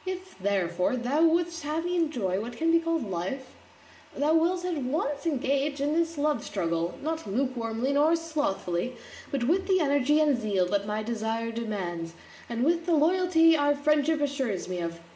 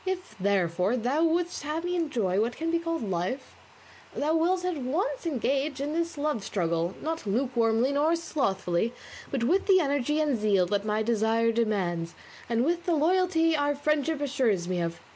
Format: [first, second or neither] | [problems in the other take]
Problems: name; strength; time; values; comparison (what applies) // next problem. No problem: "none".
second | room echo; dies away in 1.1 s